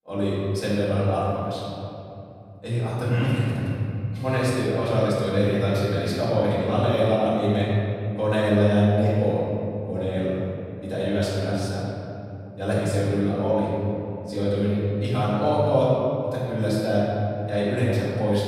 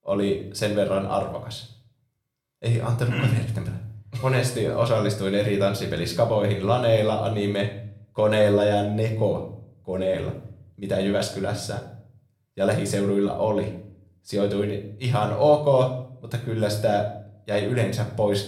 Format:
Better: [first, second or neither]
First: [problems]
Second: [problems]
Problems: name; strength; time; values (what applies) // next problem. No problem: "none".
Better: second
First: room echo; strong; dies away in 2.8 s // off-mic speech; far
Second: room echo; slight; dies away in 0.5 s // off-mic speech; somewhat distant